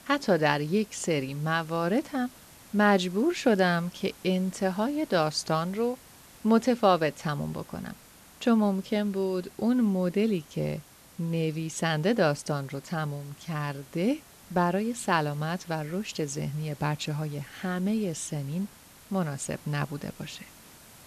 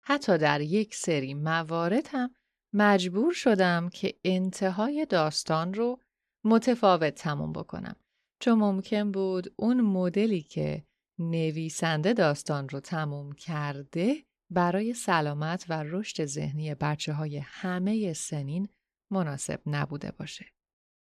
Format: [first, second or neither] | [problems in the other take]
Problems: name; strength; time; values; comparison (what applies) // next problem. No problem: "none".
second | hiss; faint; throughout; 20 dB below the speech